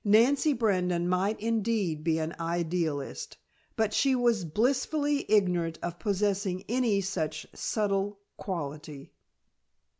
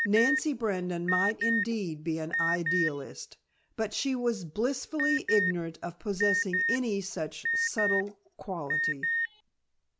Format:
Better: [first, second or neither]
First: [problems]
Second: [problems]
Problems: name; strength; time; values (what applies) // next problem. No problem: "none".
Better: first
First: none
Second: background sound (Alarm); 1 dB below the speech